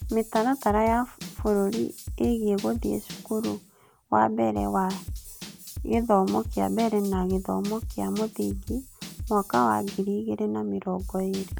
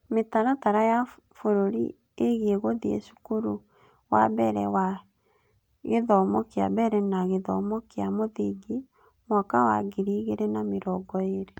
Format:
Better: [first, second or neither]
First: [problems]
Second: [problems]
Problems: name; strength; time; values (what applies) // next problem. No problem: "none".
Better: second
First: background sound (Drum / Drum kit); 12 dB below the speech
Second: none